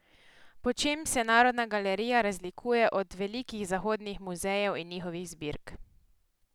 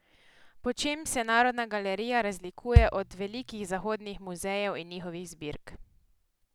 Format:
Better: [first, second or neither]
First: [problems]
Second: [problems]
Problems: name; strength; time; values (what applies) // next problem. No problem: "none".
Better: first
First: none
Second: background sound (Bass drum); 3 dB above the speech